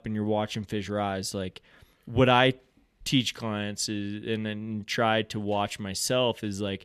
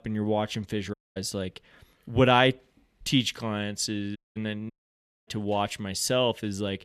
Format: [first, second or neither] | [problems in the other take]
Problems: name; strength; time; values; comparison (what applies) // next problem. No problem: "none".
first | audio cutting out; at 1 s, at 4 s and at 4.5 s for 0.5 s